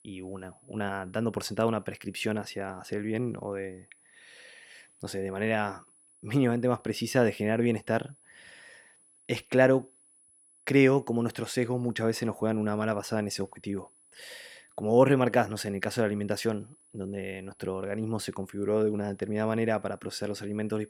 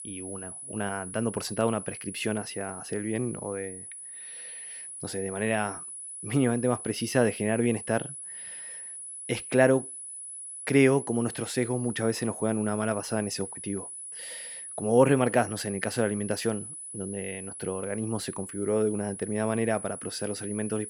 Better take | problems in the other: first | high-pitched whine; loud; throughout; 10 kHz, 9 dB below the speech; faint in the first

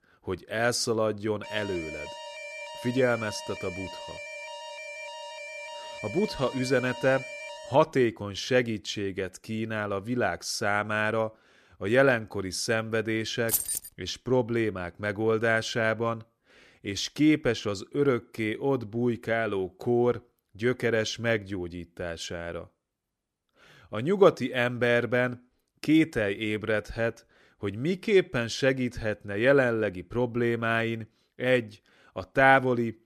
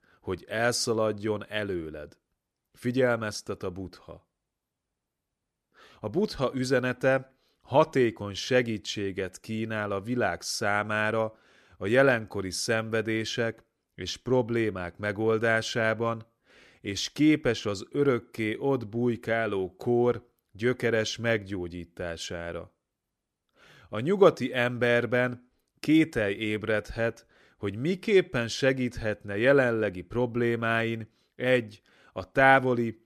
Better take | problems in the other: second | alarm; faint; from 1.5 to 8 s; peak 10 dB below the speech // jangling keys; loud; at 13 s; peak 1 dB above the speech

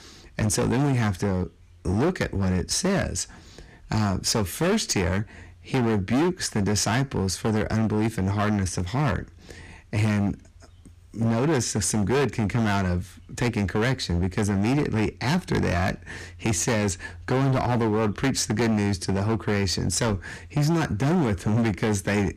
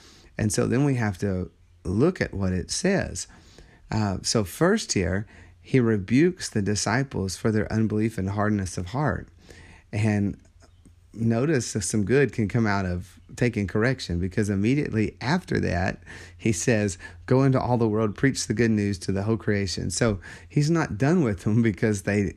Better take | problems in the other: second | distortion; heavy; 18% of the sound clipped

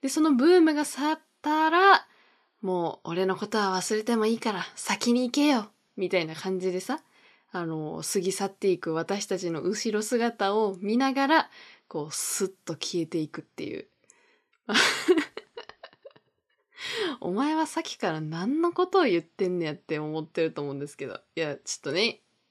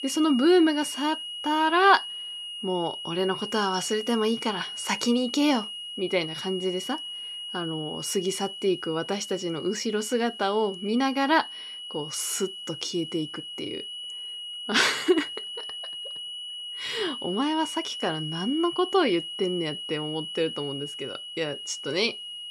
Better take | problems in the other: first | high-pitched whine; loud; throughout; 3 kHz, 8 dB below the speech

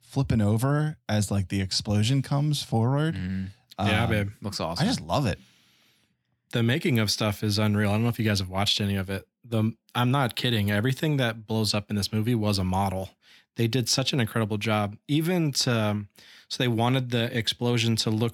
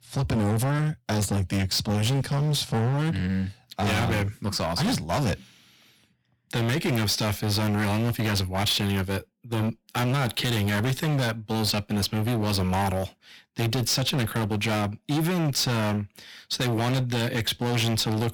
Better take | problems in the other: first | distortion; heavy; 27% of the sound clipped

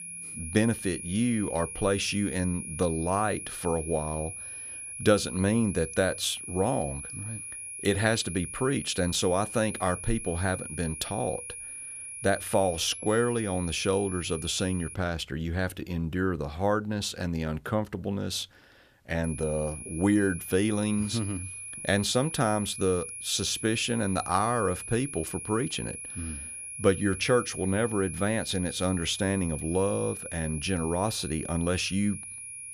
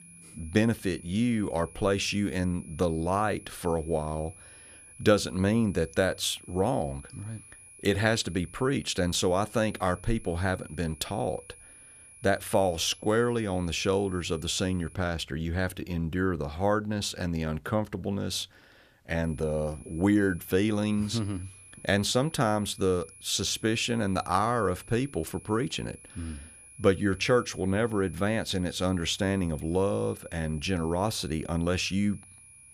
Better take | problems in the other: second | high-pitched whine; loud; until 15 s and from 19 s on; 10.5 kHz, 8 dB below the speech; faint in the second

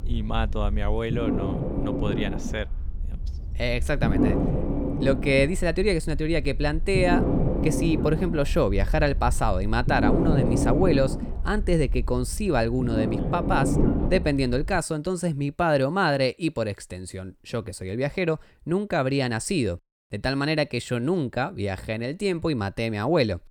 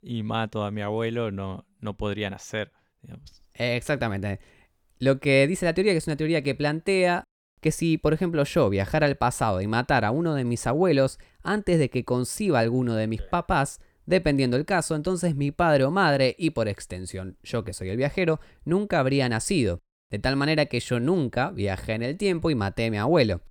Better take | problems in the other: second | low rumble; loud; until 15 s; 5 dB below the speech

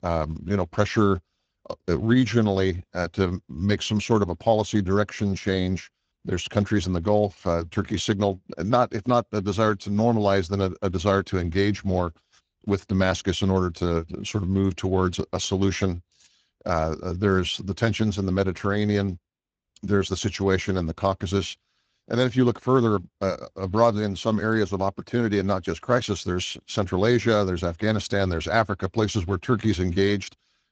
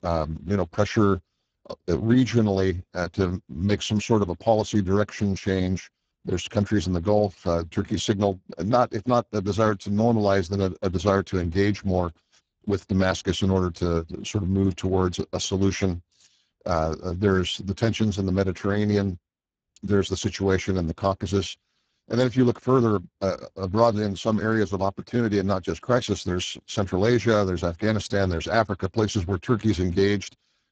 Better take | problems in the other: first | garbled, watery; badly; nothing above 7.5 kHz; slightly in the first

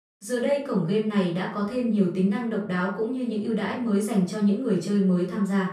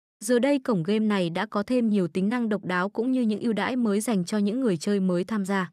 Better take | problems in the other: second | off-mic speech; far // room echo; noticeable; dies away in 0.4 s

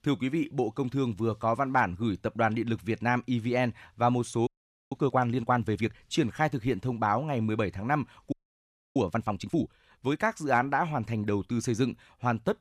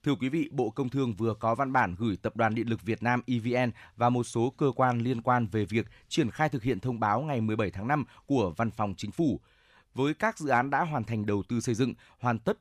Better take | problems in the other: second | audio freezing; at 4.5 s and at 8.5 s for 0.5 s

